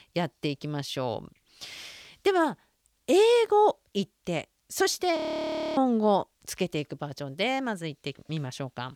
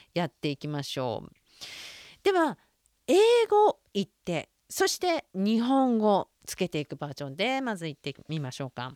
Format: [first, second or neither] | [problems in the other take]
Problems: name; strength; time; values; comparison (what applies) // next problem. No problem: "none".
second | audio freezing; at 5 s for 0.5 s